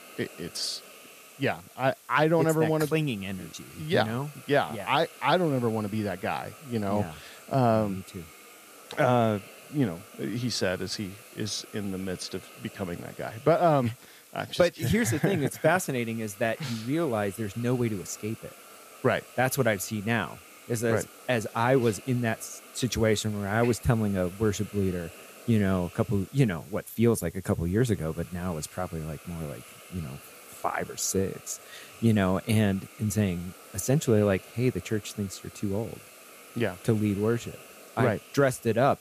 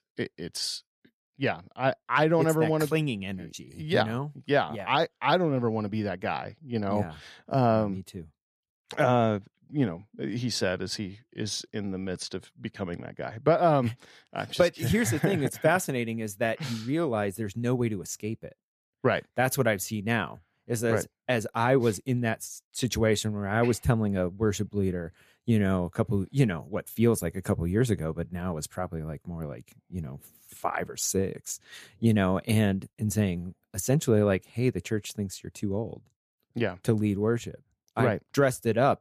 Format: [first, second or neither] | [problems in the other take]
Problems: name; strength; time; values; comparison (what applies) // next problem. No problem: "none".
second | hiss; noticeable; throughout; 20 dB below the speech